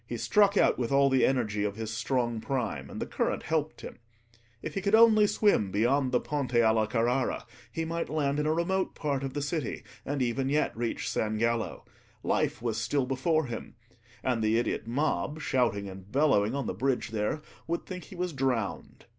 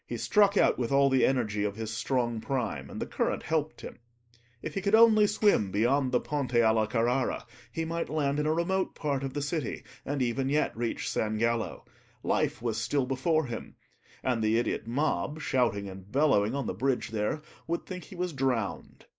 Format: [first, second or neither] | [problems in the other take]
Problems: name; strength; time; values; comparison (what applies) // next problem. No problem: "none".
first | noise reduction (neural mask model Resemble Enhance denoiser)